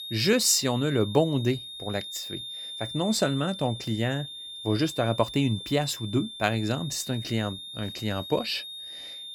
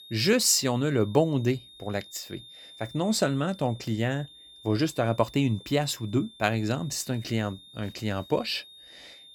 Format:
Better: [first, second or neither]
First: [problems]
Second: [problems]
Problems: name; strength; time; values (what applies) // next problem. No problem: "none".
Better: second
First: high-pitched whine; loud; throughout; 3.5 kHz, 10 dB below the speech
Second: high-pitched whine; faint; throughout; 3.5 kHz, 20 dB below the speech